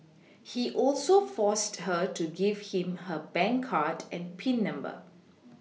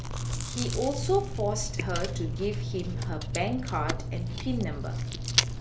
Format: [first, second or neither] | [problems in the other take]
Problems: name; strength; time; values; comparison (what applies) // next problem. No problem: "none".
first | background sound (Chewing, mastication); 2 dB above the speech